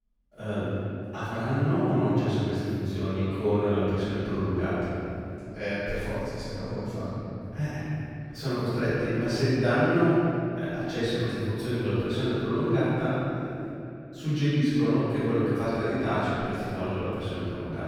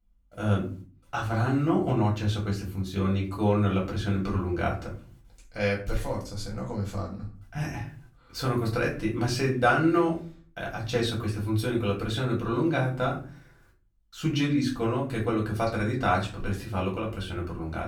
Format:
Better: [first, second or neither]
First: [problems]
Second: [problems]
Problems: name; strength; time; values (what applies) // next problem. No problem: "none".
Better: second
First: room echo; strong; dies away in 3 s // off-mic speech; far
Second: room echo; slight; dies away in 0.3 s // off-mic speech; far